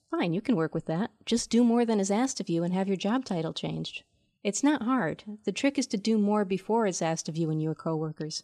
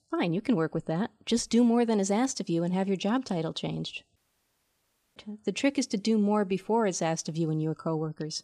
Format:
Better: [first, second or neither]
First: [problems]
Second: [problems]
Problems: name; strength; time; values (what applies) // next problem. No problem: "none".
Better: first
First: none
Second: audio cutting out; at 4 s for 1 s